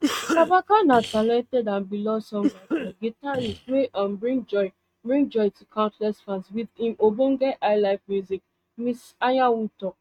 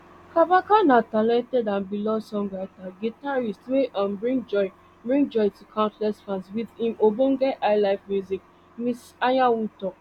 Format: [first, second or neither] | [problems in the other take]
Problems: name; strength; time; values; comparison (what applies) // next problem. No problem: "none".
second | noise reduction (neural mask model RNNoise)